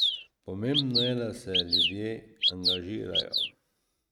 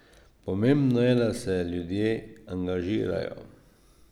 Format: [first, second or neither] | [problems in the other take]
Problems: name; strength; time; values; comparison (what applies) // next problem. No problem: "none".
second | noise reduction (neural mask model RNNoise)